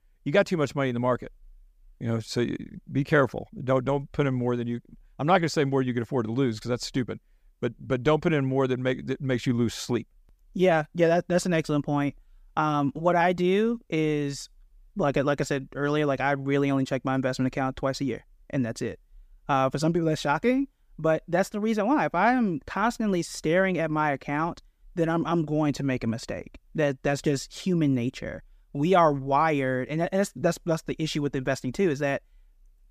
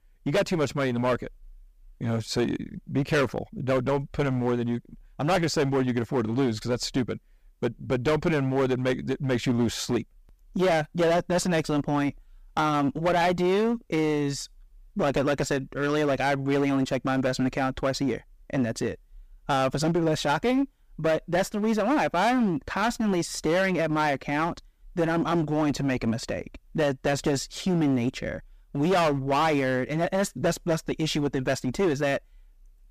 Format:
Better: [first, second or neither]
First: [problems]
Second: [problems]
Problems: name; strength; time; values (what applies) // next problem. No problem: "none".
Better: first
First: none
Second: distortion; heavy; 12% of the sound clipped